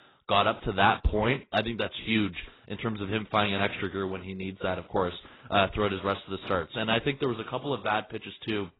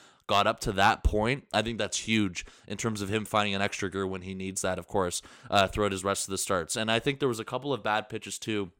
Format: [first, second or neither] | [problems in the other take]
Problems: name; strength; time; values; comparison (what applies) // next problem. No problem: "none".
second | garbled, watery; badly; nothing above 4 kHz